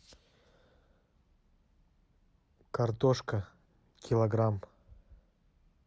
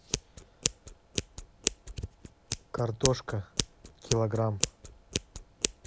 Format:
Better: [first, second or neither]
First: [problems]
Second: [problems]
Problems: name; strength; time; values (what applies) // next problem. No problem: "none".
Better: first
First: none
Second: background sound (Scissors); 1 dB below the speech